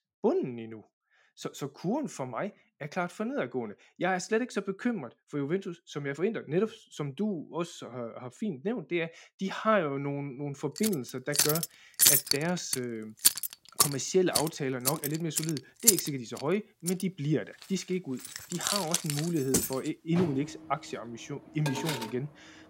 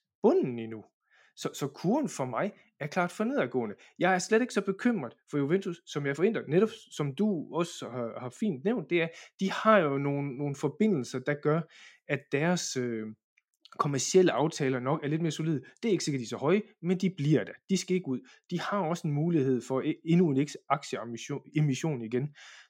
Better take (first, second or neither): second